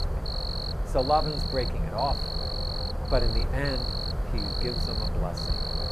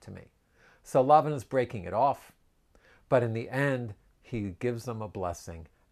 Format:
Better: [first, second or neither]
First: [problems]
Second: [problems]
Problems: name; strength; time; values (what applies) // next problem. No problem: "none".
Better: second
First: animal sounds; very loud; throughout; 1 dB above the speech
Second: none